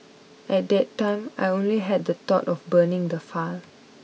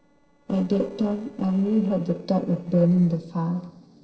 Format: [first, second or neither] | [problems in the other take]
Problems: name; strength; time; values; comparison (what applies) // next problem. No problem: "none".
first | noise reduction (neural separator model SepFormer DNS4)